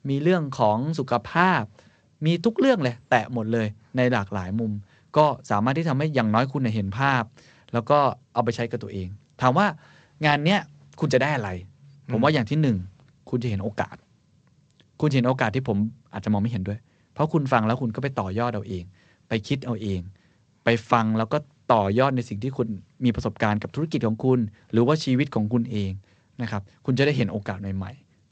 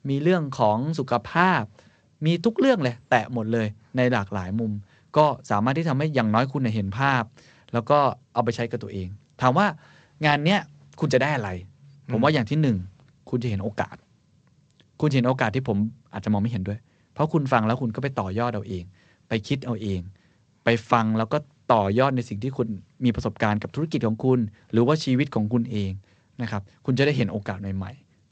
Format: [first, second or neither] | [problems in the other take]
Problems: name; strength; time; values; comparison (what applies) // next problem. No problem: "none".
neither | garbled, watery; slightly; nothing above 7.5 kHz; the same in both